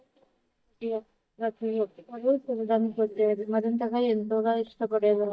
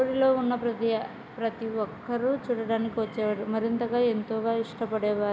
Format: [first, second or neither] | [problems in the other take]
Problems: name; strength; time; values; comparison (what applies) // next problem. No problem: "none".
second | noise reduction (neural mask model DeepFilterNet 3)